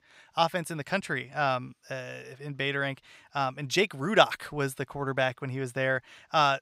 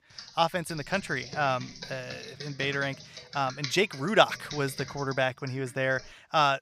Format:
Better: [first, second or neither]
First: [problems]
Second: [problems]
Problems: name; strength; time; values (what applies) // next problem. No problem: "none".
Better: first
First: none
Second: keyboard typing; noticeable; until 6 s; peak 8 dB below the speech